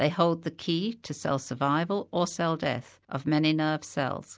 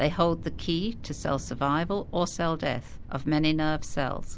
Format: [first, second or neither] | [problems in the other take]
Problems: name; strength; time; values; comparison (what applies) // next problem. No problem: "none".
first | background sound (Thunder); 8 dB below the speech